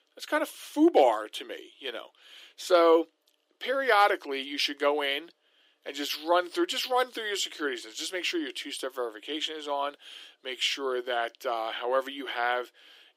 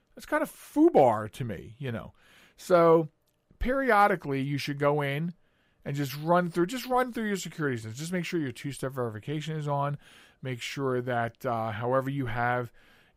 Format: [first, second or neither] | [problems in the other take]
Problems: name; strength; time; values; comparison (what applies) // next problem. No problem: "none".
second | thin; somewhat; fading below 300 Hz